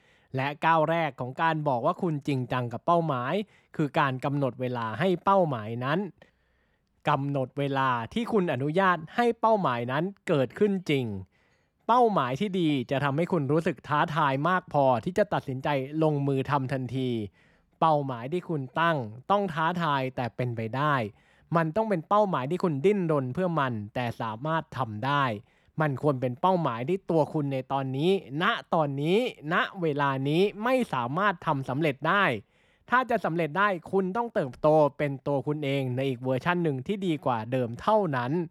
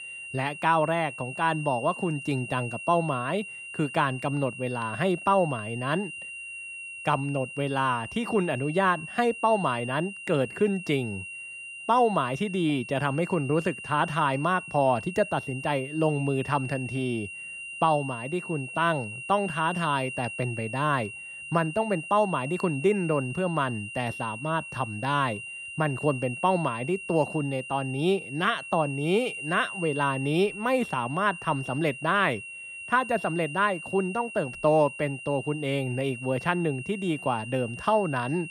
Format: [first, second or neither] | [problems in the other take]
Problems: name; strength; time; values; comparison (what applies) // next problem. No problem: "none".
first | high-pitched whine; loud; throughout; 3 kHz, 10 dB below the speech